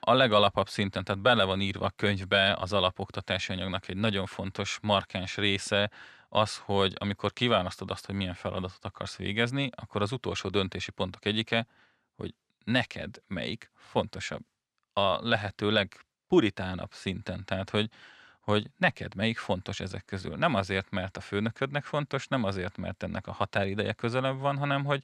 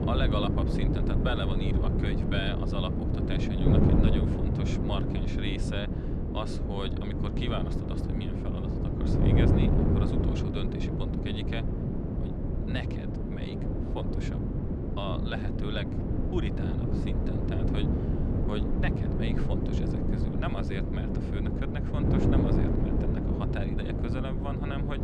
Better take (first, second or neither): first